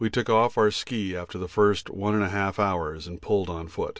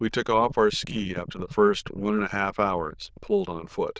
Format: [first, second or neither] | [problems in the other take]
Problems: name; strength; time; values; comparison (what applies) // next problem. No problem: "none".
first | noise reduction (neural diffusion model UNIVERSE++)